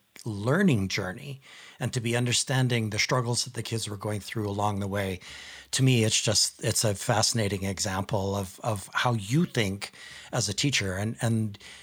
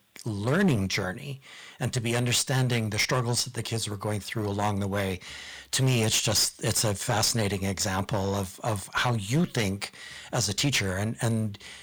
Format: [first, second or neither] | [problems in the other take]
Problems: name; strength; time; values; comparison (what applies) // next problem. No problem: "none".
first | distortion; slight; 9% of the sound clipped